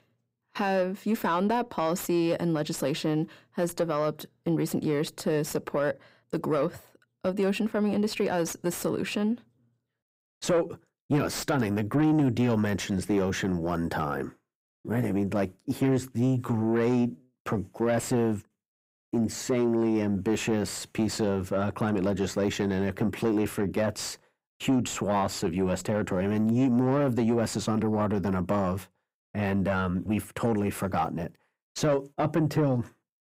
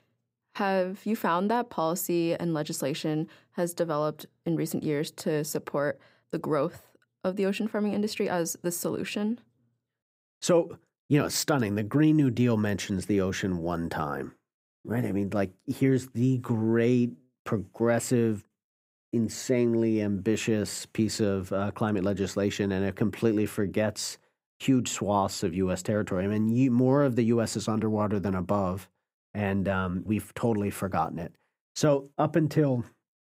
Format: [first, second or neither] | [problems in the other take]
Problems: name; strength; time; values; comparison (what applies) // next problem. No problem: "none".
second | distortion; slight; 10 dB below the speech